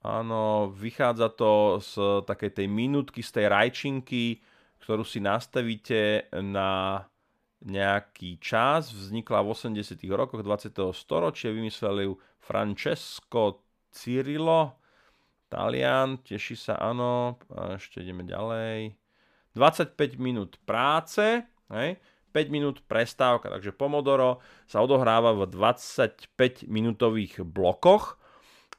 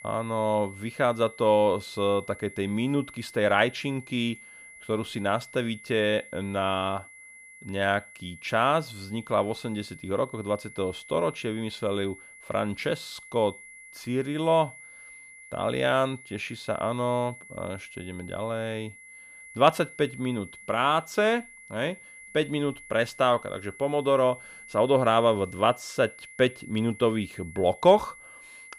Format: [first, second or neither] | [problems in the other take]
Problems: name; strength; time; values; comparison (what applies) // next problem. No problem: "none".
first | high-pitched whine; noticeable; throughout; 2 kHz, 20 dB below the speech